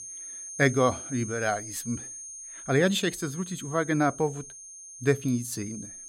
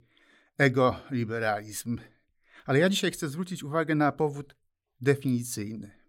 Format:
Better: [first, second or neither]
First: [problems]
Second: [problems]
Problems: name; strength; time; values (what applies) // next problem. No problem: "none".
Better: second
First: high-pitched whine; noticeable; throughout; 6.5 kHz, 10 dB below the speech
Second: none